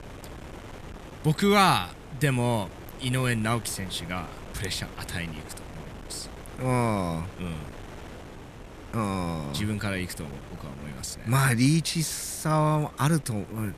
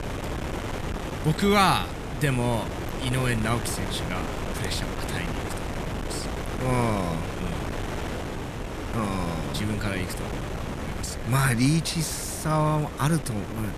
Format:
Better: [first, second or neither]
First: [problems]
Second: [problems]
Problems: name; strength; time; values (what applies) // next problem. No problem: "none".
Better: first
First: wind noise on the microphone; occasional gusts; 15 dB below the speech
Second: wind noise on the microphone; heavy; 6 dB below the speech